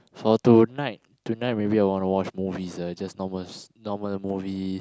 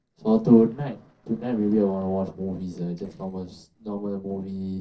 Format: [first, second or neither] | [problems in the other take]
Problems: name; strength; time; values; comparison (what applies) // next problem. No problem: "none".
first | noise reduction (neural separator model SepFormer DNS4)